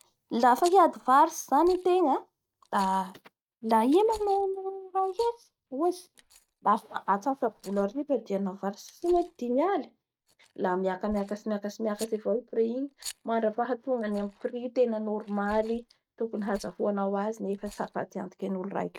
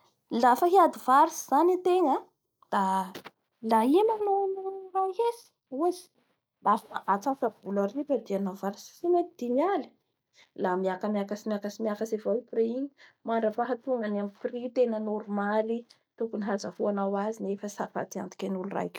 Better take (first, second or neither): second